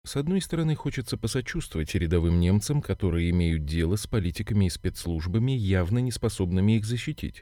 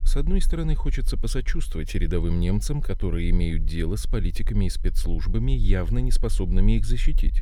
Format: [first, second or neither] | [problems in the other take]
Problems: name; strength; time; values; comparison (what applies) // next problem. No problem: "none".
first | low rumble; faint; throughout; 20 dB below the speech